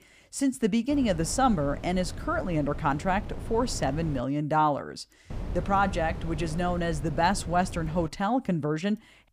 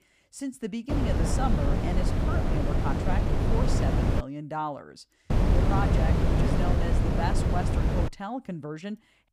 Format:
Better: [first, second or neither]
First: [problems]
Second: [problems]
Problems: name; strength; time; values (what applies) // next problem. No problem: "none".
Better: first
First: wind noise on the microphone; occasional gusts; from 1 to 4 s and from 5.5 to 8 s; 20 dB below the speech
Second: wind noise on the microphone; heavy; from 1 to 4 s and from 5.5 to 8 s; 2 dB above the speech